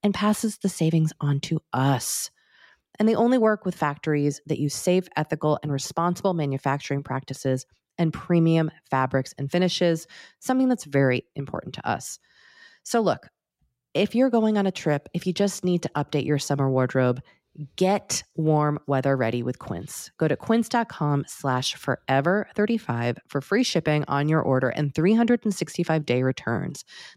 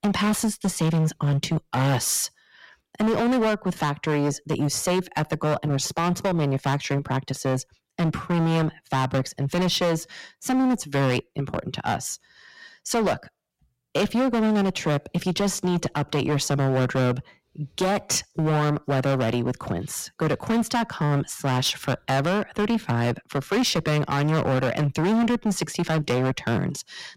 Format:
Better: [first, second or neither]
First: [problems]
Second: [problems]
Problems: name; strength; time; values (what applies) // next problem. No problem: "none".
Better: first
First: none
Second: distortion; heavy; 17% of the sound clipped